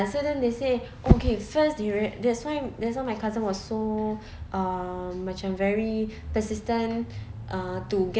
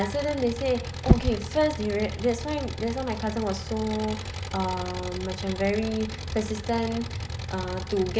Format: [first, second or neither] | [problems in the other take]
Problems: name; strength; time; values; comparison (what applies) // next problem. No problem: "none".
first | background sound (Engine); 8 dB below the speech